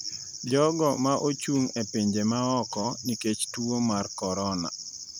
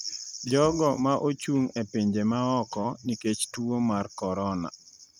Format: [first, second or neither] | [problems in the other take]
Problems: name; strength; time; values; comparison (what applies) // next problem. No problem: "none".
first | noise reduction (neural mask model RNNoise)